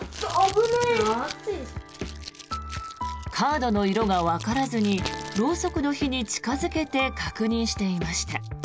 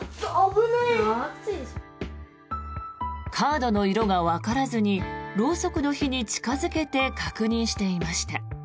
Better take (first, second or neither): second